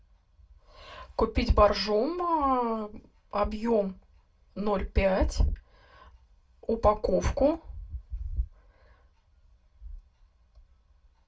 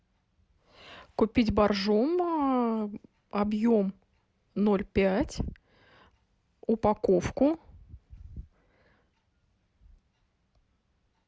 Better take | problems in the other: second | room echo; dies away in 0.1 s

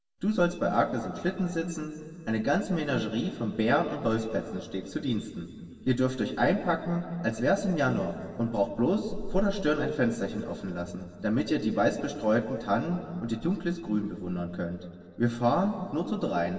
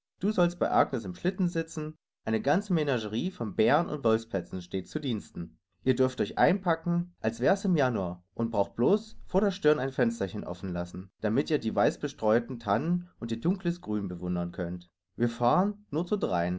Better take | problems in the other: second | room echo; dies away in 2.4 s

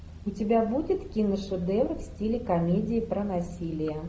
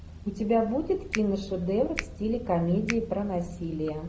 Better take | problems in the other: first | background sound (Finger snapping); 11 dB below the speech

